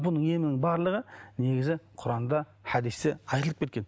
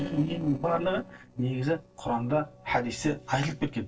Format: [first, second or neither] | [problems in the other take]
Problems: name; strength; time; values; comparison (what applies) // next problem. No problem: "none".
first | noise reduction (neural separator model SepFormer DNS4)